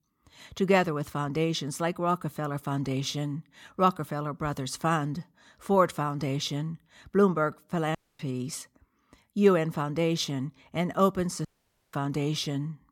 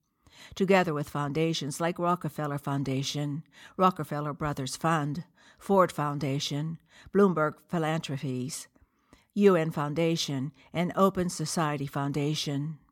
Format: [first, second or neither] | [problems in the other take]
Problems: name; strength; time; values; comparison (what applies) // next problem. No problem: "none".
second | audio cutting out; at 8 s and at 11 s